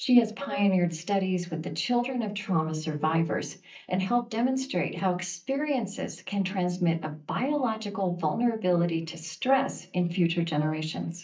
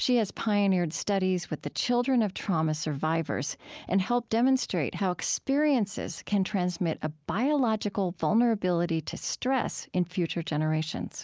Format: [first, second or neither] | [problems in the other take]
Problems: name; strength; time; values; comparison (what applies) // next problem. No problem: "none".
second | noise reduction (neural mask model DeepFilterNet 3)